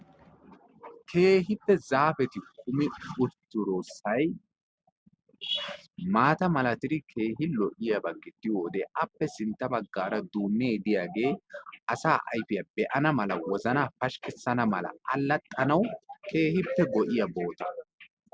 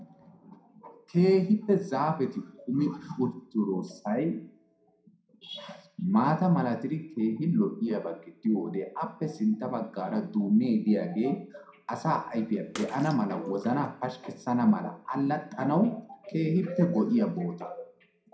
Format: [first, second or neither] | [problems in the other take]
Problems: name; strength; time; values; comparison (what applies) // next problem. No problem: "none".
first | background sound (Bathtub (filling or washing) / Water / Splash, splatter); 19 dB below the speech // room echo; dies away in 0.4 s